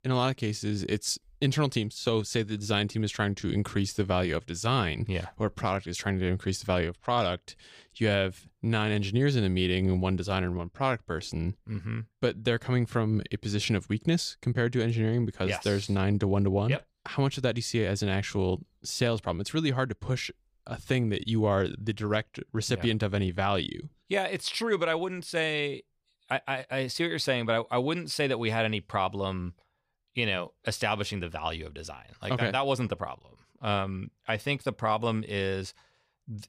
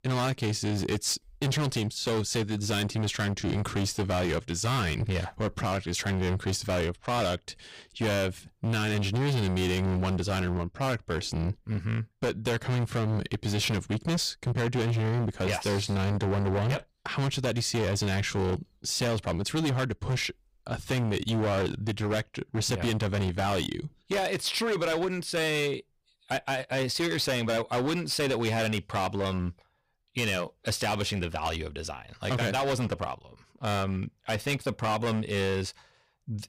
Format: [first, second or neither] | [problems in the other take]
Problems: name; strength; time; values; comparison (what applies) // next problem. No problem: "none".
first | distortion; heavy; 21% of the sound clipped